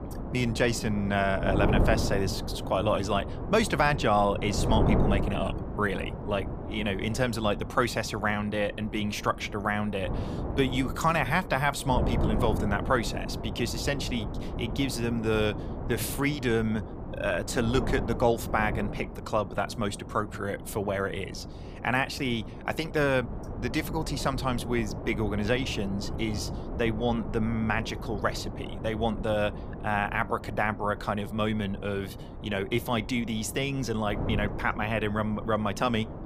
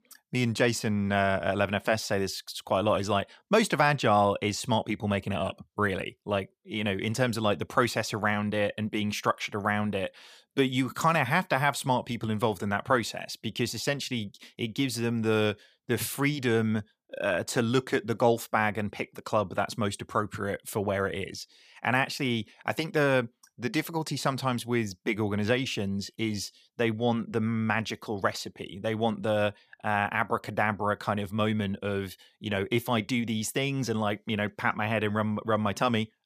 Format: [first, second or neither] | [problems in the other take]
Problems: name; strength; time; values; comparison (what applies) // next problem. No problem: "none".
second | wind noise on the microphone; occasional gusts; 10 dB below the speech